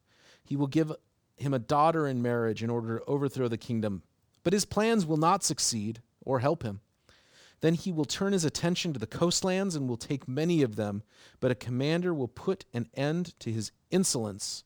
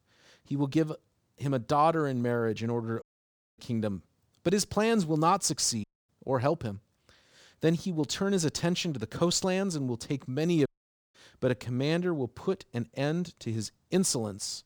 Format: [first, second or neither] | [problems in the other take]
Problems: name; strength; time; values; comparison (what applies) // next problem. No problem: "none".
first | audio cutting out; at 3 s for 0.5 s, at 6 s and at 11 s